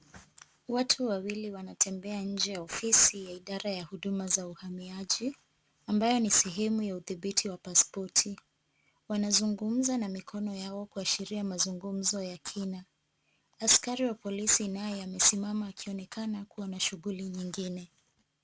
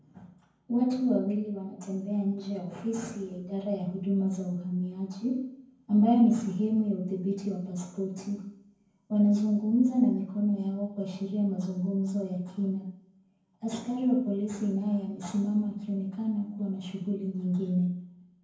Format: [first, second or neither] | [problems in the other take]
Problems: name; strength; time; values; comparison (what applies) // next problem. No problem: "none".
first | room echo; dies away in 0.9 s